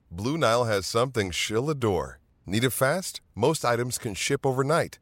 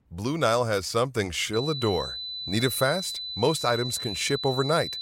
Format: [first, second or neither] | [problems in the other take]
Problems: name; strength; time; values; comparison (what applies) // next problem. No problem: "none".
first | high-pitched whine; loud; from 1.5 s on; 4 kHz, 6 dB below the speech